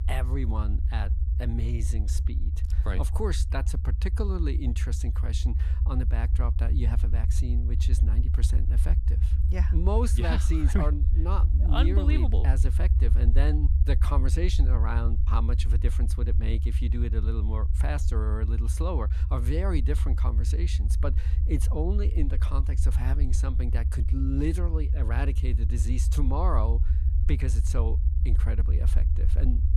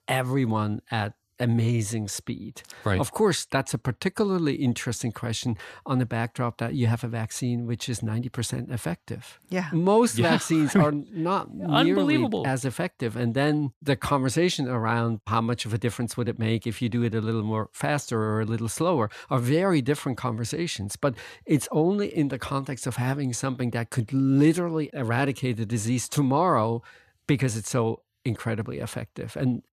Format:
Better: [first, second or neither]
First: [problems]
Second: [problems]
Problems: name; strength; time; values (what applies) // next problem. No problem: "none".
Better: second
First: low rumble; loud; throughout; 8 dB below the speech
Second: none